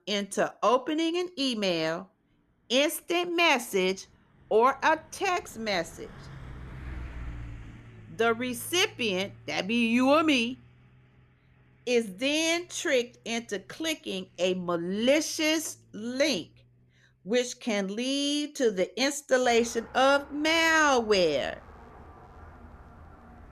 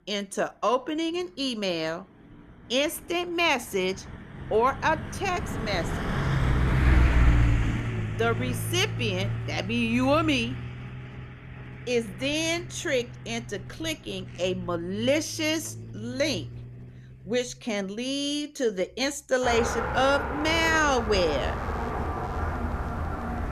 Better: first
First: traffic noise; faint; throughout; 25 dB below the speech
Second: traffic noise; loud; throughout; 3 dB below the speech

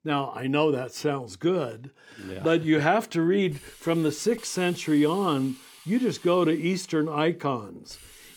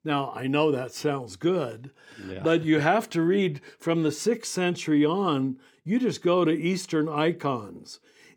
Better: second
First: hiss; faint; from 2 s on; 20 dB below the speech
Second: none

